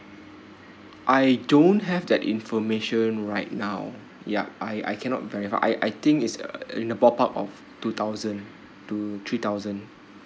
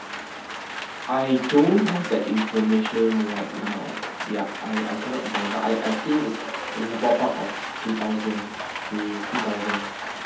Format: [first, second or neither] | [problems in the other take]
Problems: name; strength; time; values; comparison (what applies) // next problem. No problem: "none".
first | background sound (Rain); 7 dB below the speech // room echo; dies away in 0.7 s